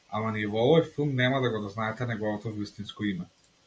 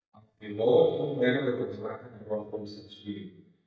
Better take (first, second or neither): first